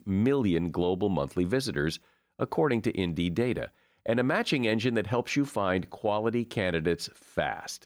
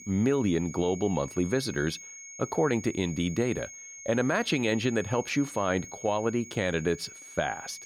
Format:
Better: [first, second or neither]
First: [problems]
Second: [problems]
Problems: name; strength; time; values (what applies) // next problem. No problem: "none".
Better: first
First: none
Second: high-pitched whine; noticeable; throughout; 6.5 kHz, 15 dB below the speech